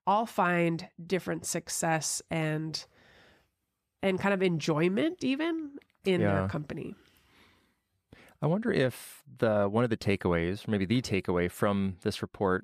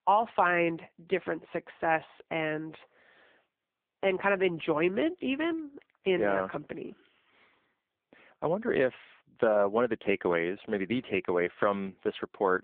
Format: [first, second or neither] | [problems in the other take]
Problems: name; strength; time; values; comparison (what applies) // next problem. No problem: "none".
first | phone-call audio; poor line